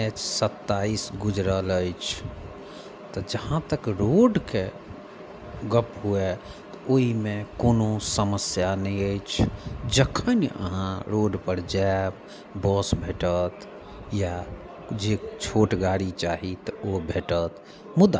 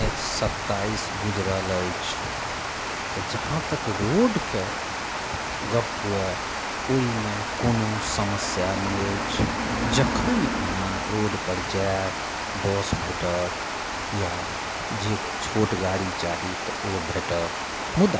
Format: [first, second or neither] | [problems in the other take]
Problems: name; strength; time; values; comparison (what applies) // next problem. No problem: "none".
first | background sound (Water); 1 dB below the speech